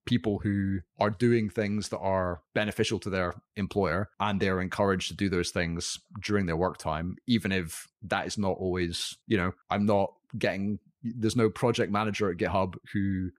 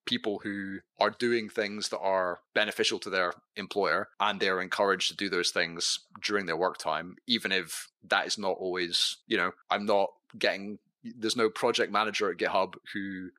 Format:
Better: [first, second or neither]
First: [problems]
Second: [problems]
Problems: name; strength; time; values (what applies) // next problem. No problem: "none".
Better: first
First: none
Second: thin; somewhat; fading below 350 Hz